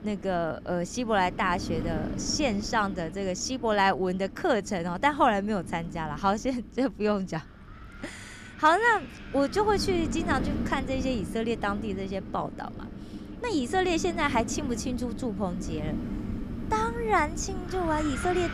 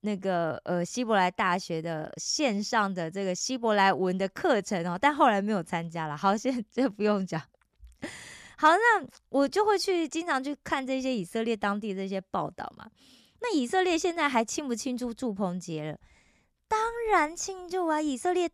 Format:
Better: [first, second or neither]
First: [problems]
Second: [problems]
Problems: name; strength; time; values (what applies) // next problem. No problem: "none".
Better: second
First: wind noise on the microphone; occasional gusts; 15 dB below the speech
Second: none